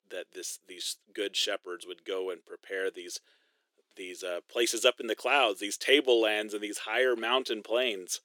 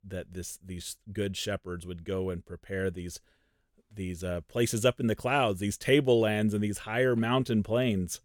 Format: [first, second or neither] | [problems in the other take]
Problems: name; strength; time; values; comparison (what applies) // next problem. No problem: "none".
second | thin; very; fading below 300 Hz